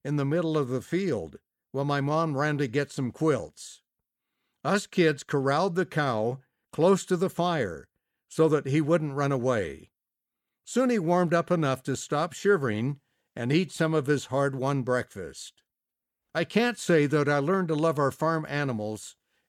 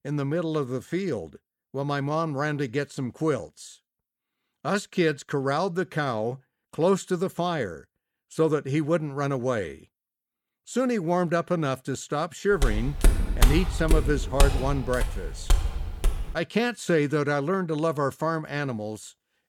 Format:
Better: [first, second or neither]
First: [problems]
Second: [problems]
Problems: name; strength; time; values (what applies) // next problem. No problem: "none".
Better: first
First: none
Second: footsteps; loud; from 13 to 16 s; peak 4 dB above the speech